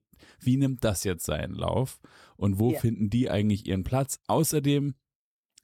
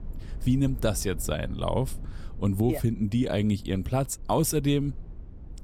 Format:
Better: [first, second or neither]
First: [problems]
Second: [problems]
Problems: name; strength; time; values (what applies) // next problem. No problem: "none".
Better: first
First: none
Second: low rumble; faint; throughout; 25 dB below the speech